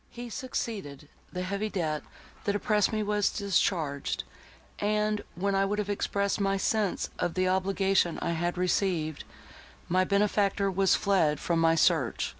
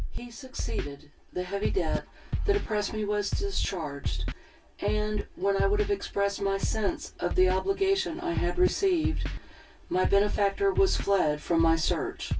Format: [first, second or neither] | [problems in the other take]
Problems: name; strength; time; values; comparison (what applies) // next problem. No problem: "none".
first | background sound (Scratching (performance technique)); 3 dB below the speech // room echo; dies away in 0.1 s